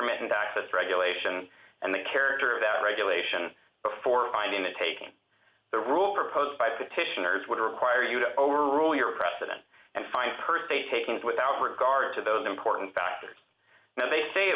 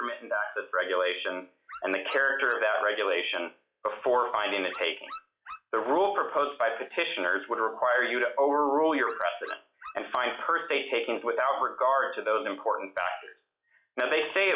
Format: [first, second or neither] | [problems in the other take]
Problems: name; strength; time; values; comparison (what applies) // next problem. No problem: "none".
first | noise reduction (classical method log-MMSE)